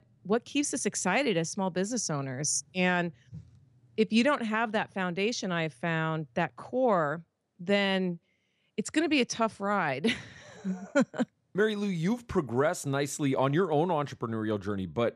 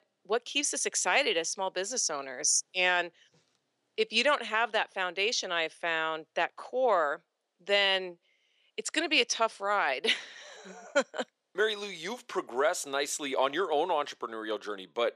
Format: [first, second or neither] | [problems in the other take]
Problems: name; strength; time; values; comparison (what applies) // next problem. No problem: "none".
first | thin; very; fading below 400 Hz